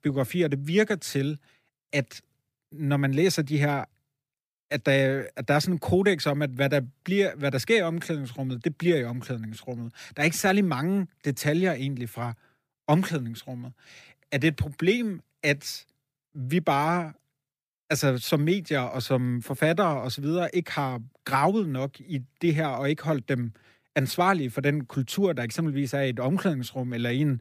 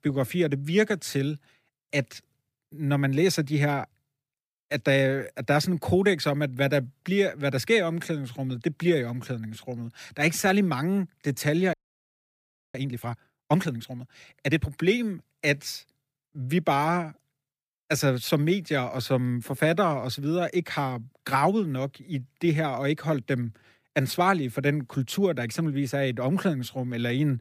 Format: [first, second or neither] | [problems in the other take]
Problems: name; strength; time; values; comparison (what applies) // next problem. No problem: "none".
first | audio freezing; at 12 s for 1 s